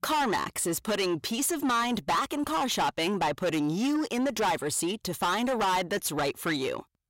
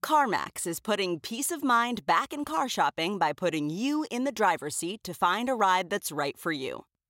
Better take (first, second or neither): second